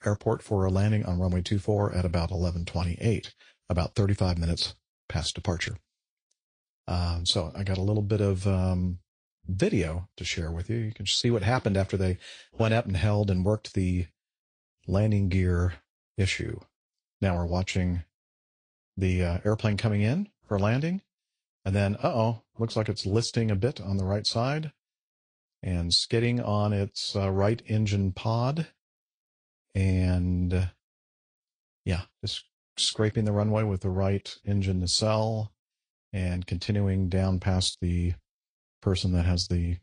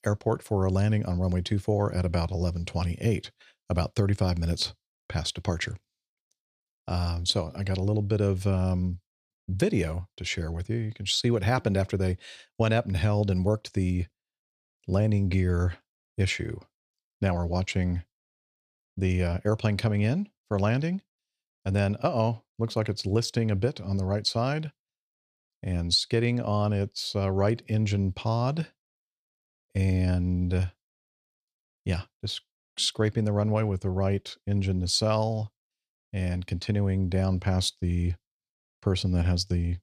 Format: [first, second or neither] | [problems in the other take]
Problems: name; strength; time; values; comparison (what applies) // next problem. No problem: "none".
second | garbled, watery; slightly; nothing above 9 kHz